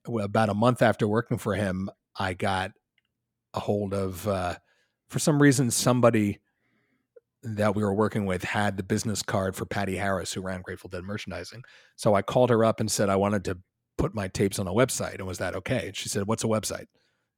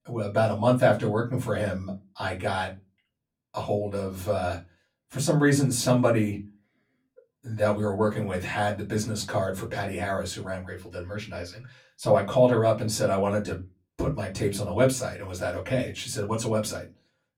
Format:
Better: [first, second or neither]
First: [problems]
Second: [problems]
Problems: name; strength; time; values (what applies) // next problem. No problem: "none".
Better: first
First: none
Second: off-mic speech; far // room echo; very slight; dies away in 0.2 s